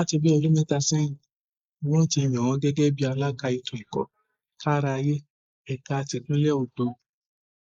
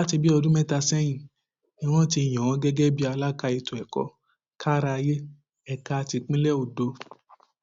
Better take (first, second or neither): second